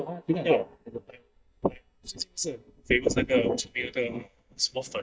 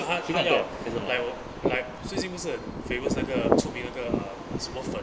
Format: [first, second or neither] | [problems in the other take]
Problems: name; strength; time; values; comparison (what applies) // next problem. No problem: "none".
second | noise reduction (neural mask model DeepFilterNet 3)